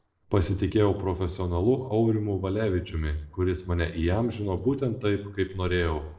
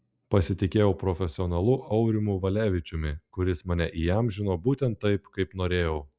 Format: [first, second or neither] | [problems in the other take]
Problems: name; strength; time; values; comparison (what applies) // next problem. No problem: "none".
second | noise reduction (neural separator model SepFormer DNS4)